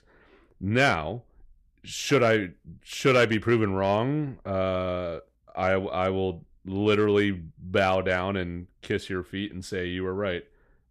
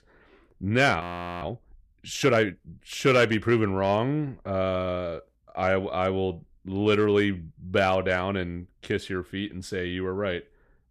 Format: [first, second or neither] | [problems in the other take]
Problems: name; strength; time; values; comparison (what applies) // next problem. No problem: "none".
first | audio freezing; at 1 s